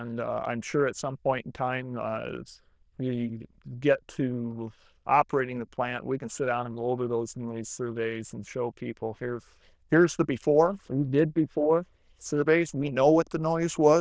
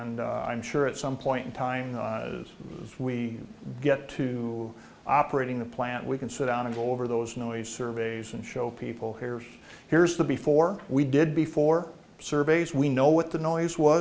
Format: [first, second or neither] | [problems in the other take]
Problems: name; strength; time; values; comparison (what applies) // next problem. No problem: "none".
second | noise reduction (neural diffusion model UNIVERSE++)